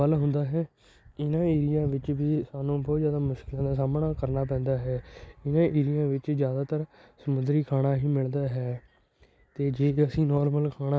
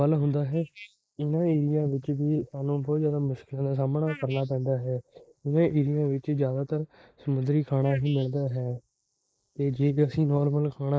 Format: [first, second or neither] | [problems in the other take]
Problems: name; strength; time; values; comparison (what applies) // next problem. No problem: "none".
first | noise reduction (neural mask model Resemble Enhance denoiser)